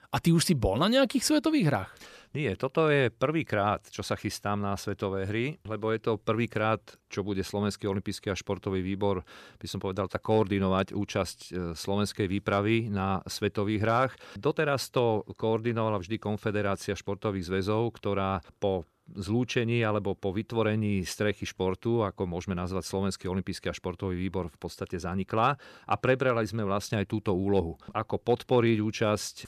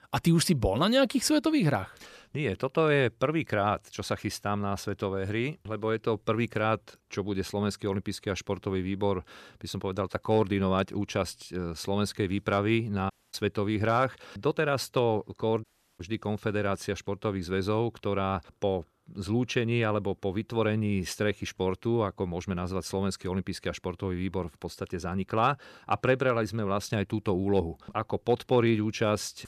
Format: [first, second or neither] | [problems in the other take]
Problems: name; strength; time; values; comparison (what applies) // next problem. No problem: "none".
first | audio cutting out; at 13 s and at 16 s